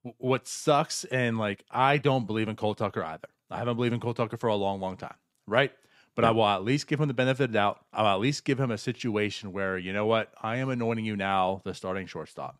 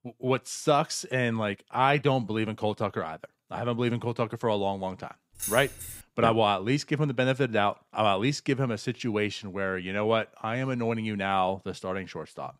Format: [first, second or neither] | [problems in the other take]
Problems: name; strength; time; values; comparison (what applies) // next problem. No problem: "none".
first | jangling keys; noticeable; at 5.5 s; peak 5 dB below the speech